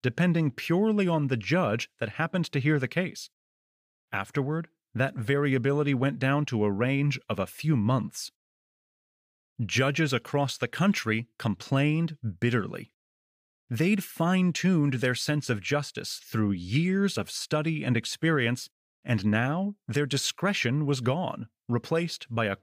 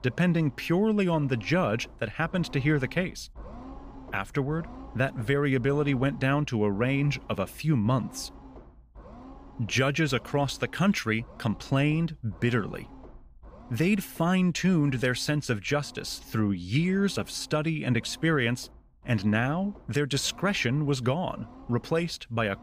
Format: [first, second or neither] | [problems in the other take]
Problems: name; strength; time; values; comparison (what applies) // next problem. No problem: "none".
first | low rumble; faint; throughout; 20 dB below the speech